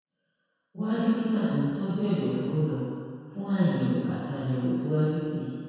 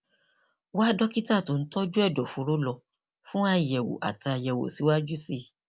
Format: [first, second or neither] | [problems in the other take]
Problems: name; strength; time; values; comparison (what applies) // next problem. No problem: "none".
second | room echo; dies away in 2 s